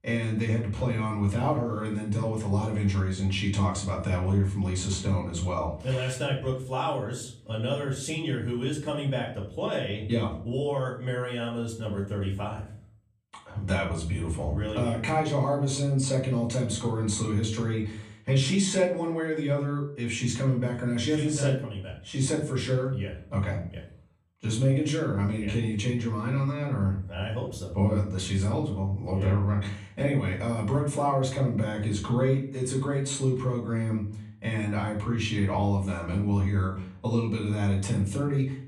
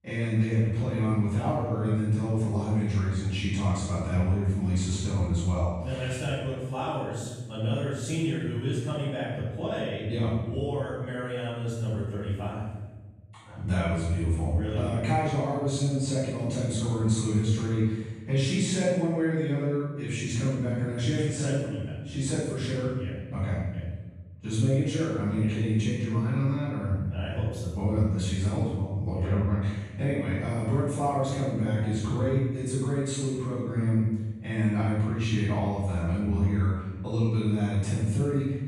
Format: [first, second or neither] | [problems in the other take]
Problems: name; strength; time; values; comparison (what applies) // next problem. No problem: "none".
first | room echo; strong; dies away in 1.2 s; slight in the first // off-mic speech; far; far in the first